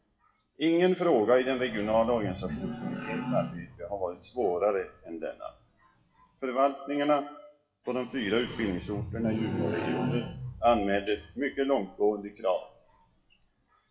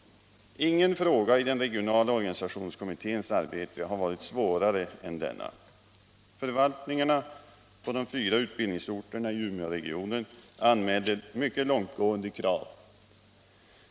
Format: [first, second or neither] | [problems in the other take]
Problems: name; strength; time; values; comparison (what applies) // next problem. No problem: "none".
second | noise reduction (classical method WPE with log-MMSE)